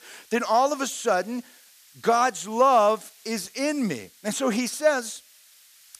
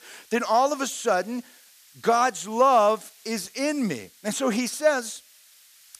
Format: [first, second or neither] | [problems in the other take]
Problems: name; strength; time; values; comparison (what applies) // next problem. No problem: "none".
neither | hiss; faint; throughout; 25 dB below the speech; the same in both